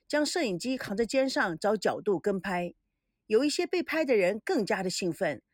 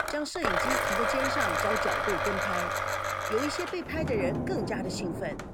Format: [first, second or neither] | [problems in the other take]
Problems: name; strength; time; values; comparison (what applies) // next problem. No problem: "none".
first | household noises; very loud; throughout; 4 dB above the speech